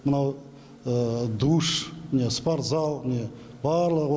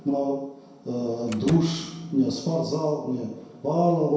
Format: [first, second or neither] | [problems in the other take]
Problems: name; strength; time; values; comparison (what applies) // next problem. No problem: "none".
first | background sound (Slam); 16 dB below the speech // room echo; dies away in 0.7 s